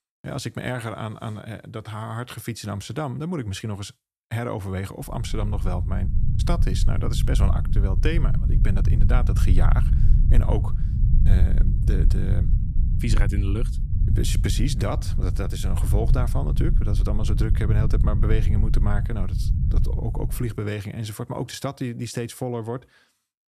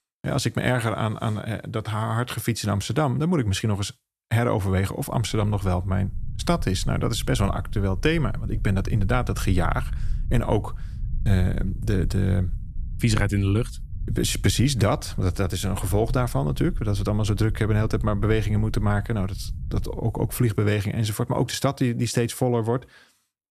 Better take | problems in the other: second | low rumble; loud; from 5 to 20 s; 6 dB below the speech; faint in the second

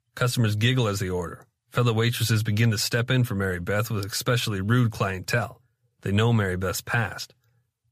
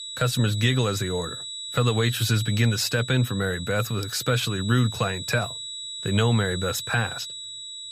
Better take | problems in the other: first | high-pitched whine; loud; throughout; 4 kHz, 9 dB below the speech

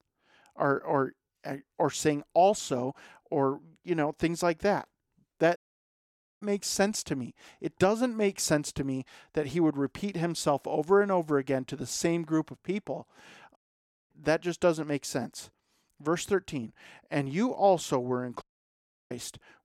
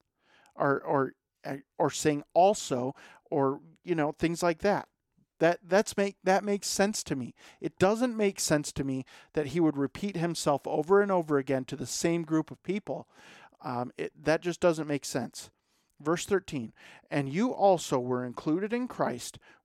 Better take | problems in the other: second | audio cutting out; at 5.5 s for 1 s, at 14 s for 0.5 s and at 18 s for 0.5 s

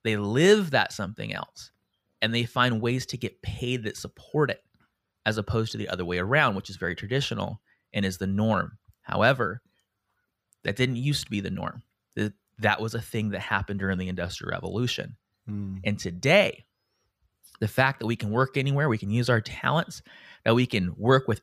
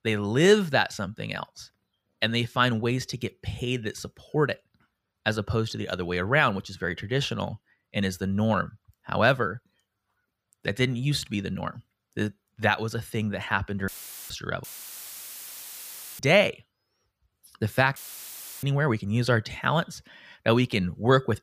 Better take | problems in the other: first | audio cutting out; filled with static; at 14 s, at 15 s for 1.5 s and at 18 s for 0.5 s

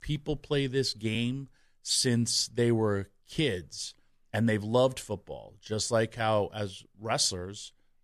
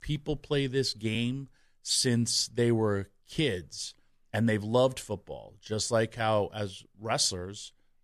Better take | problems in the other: neither | none

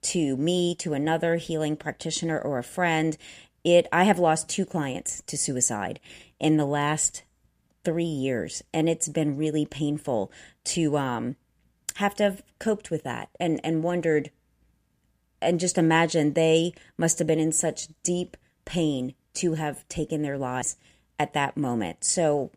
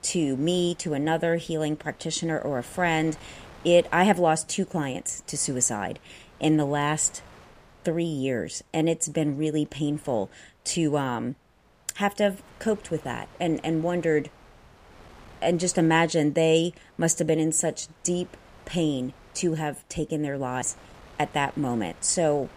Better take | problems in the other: first | wind noise on the microphone; occasional gusts; 25 dB below the speech

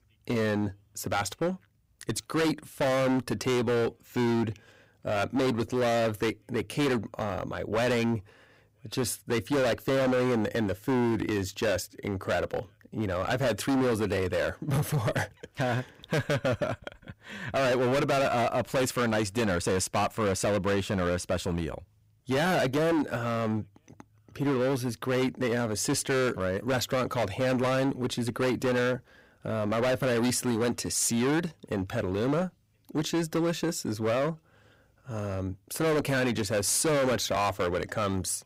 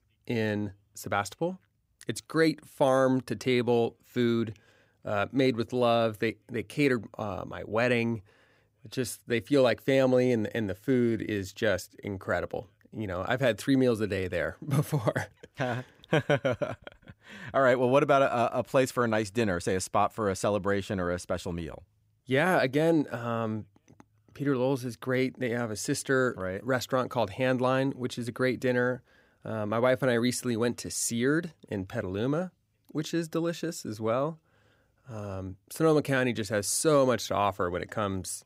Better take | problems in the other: second | distortion; heavy; 19% of the sound clipped

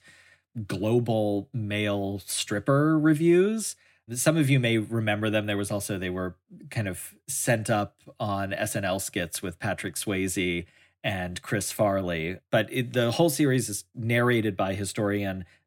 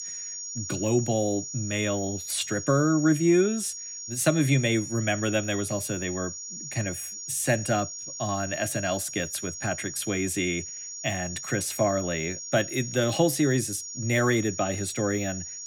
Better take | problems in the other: first | high-pitched whine; loud; throughout; 7 kHz, 8 dB below the speech

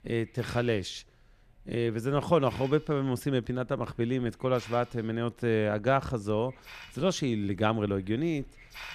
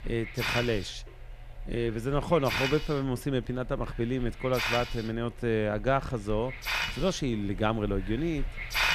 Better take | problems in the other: first | hiss; loud; throughout; 5 dB below the speech; faint in the first

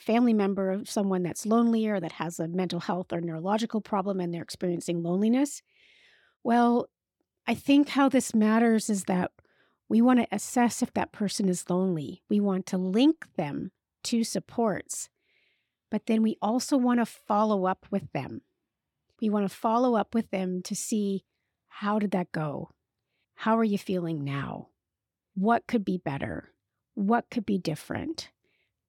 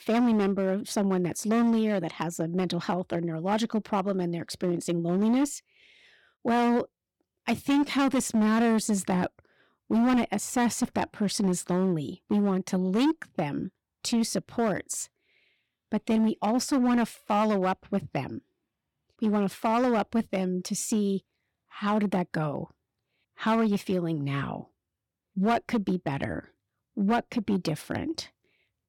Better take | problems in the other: first | distortion; slight; 9% of the sound clipped

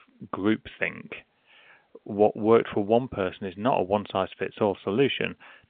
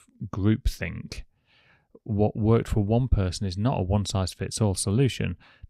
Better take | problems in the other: second | phone-call audio

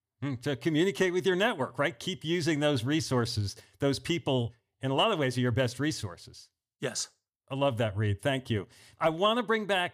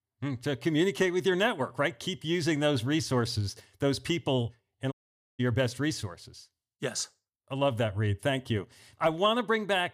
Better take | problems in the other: first | audio cutting out; at 5 s

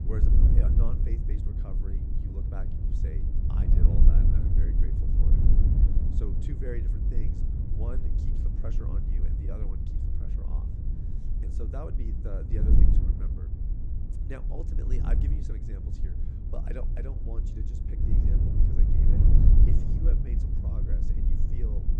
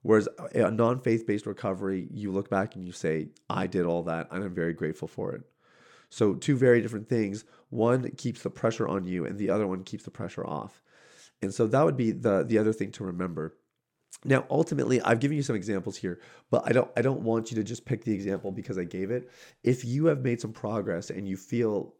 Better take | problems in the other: second | wind noise on the microphone; heavy; 3 dB above the speech

